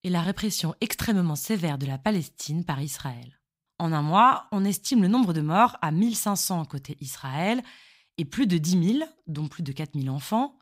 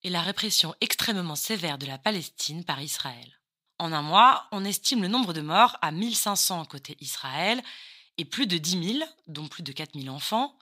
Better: first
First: none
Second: thin; somewhat; fading below 550 Hz

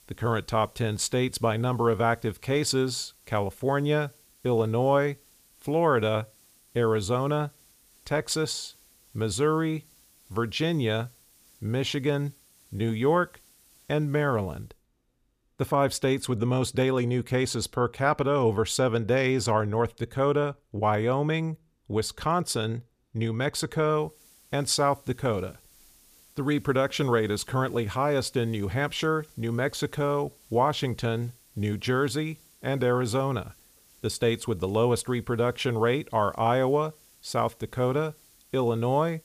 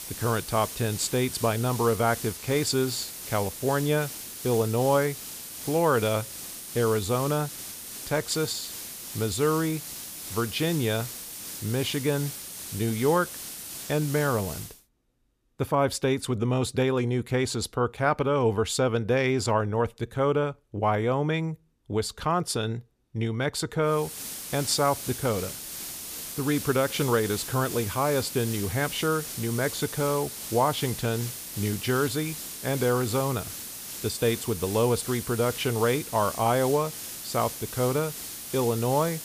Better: first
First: hiss; faint; until 15 s and from 24 s on; 30 dB below the speech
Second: hiss; loud; until 15 s and from 24 s on; 8 dB below the speech

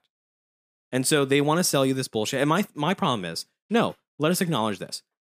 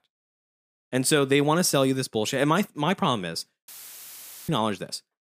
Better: first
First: none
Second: audio cutting out; filled with static; at 3.5 s for 1 s

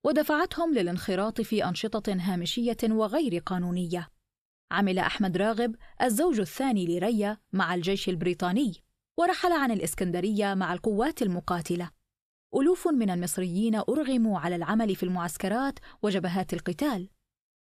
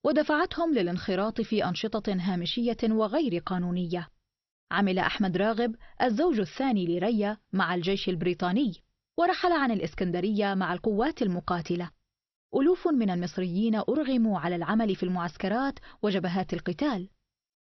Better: first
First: none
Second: garbled, watery; slightly; nothing above 6 kHz

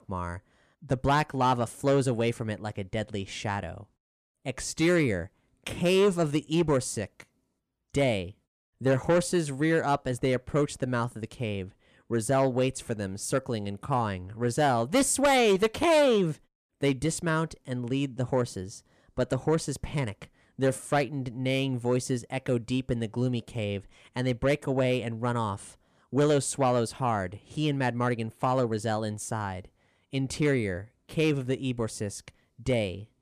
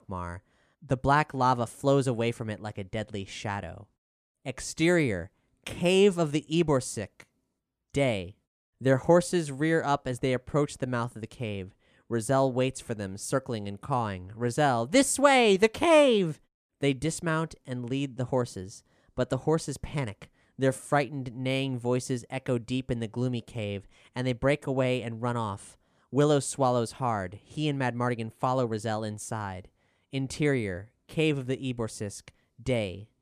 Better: second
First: distortion; slight; 10 dB below the speech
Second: none

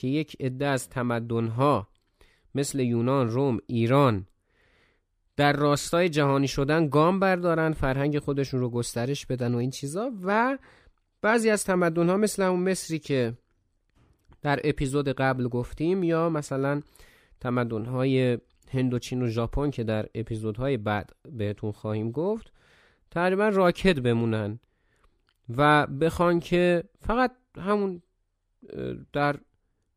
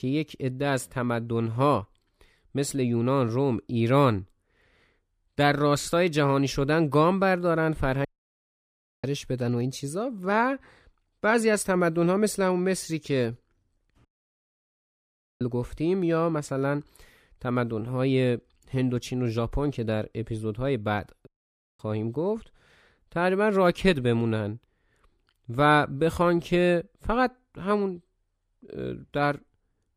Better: first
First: none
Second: audio cutting out; at 8 s for 1 s, at 14 s for 1.5 s and at 21 s for 0.5 s

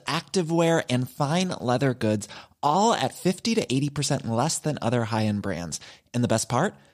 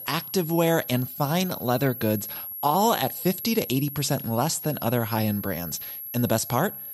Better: first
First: none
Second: high-pitched whine; loud; throughout; 11.5 kHz, 8 dB below the speech

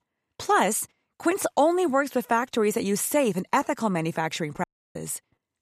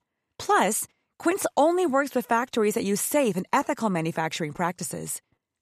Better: second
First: audio cutting out; at 4.5 s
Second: none

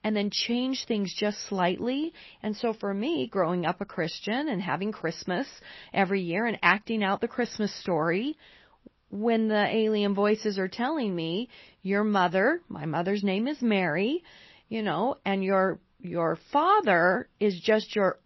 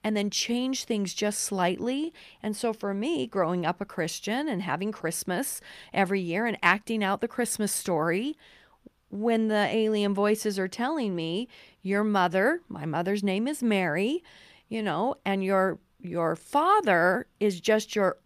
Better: second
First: garbled, watery; slightly; nothing above 5.5 kHz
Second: none

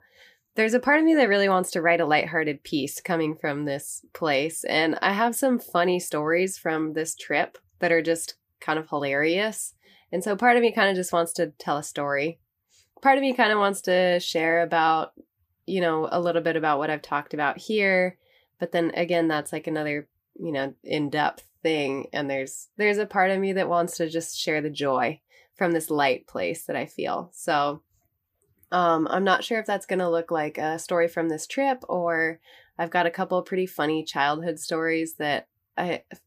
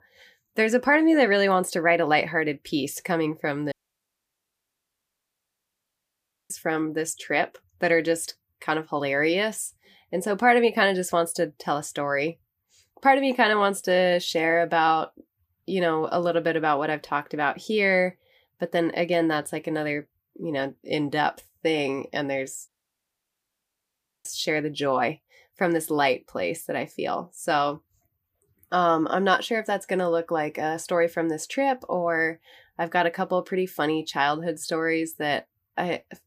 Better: first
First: none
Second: audio cutting out; at 3.5 s for 3 s and at 23 s for 1.5 s

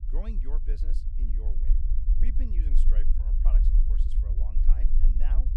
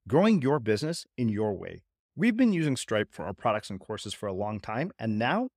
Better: second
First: low rumble; loud; throughout; as loud as the speech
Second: none

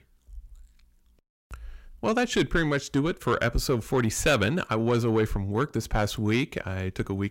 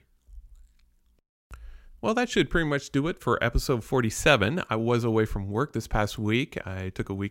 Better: second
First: distortion; slight; 10 dB below the speech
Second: none

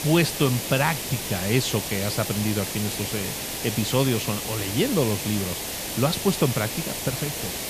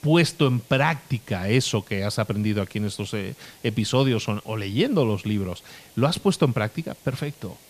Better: second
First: hiss; loud; throughout; 3 dB below the speech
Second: hiss; faint; throughout; 25 dB below the speech

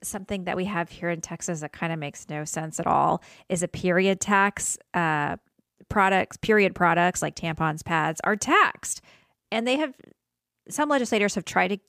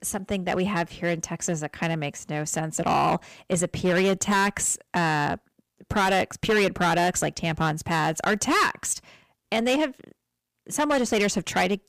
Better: first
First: none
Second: distortion; heavy; 9% of the sound clipped

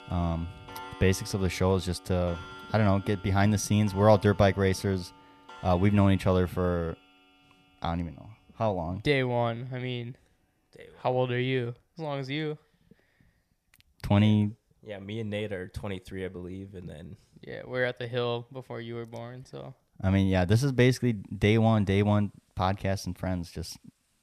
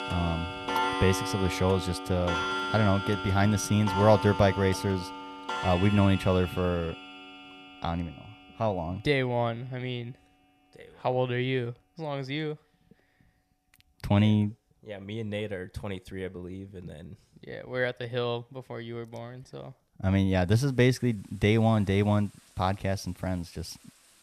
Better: first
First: household noises; faint; throughout; 20 dB below the speech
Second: household noises; loud; throughout; 6 dB below the speech

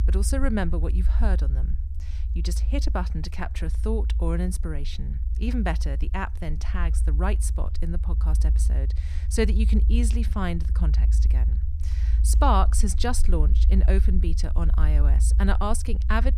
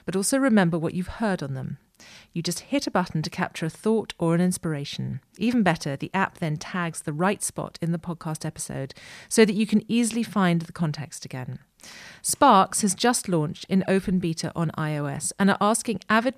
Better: second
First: low rumble; noticeable; throughout; 15 dB below the speech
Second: none

